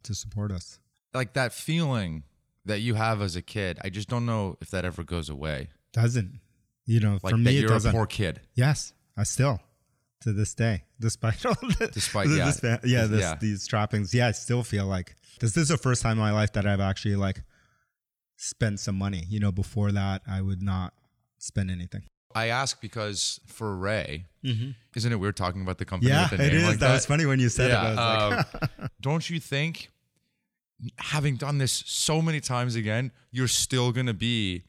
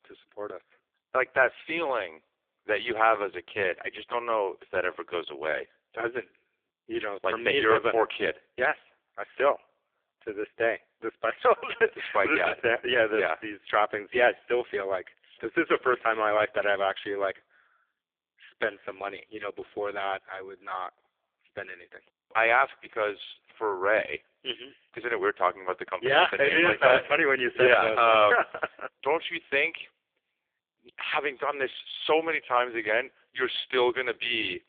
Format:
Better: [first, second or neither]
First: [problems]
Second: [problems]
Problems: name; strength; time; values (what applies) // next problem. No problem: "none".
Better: first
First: none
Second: phone-call audio; poor line; nothing above 3.5 kHz